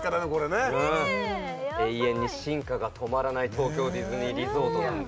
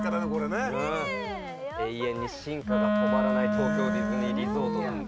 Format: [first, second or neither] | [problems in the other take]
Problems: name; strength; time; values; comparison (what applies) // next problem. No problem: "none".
first | background sound (Wind instrument, woodwind instrument); 2 dB above the speech